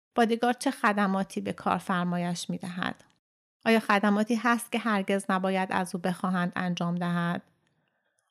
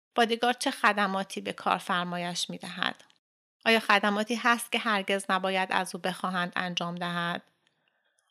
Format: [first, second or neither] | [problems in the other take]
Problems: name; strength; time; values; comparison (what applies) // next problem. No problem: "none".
first | thin; very slightly; fading below 450 Hz